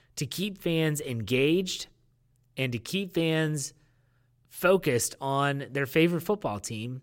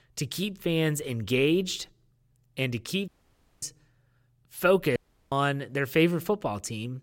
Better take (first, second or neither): first